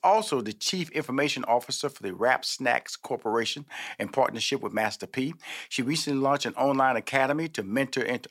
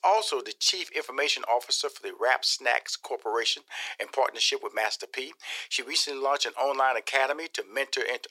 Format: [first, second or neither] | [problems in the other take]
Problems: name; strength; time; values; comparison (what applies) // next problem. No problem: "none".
first | thin; very; fading below 400 Hz